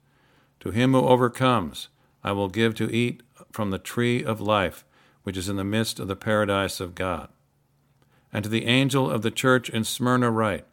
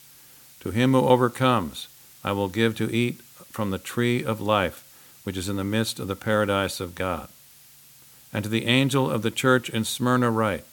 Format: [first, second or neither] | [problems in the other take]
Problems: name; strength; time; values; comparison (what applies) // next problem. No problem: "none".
first | hiss; faint; throughout; 25 dB below the speech